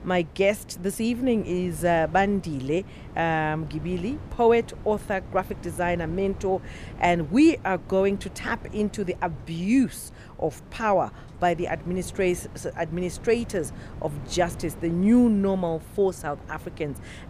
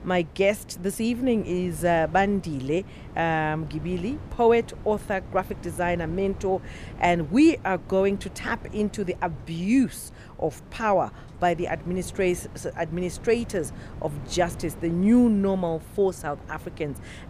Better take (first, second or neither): neither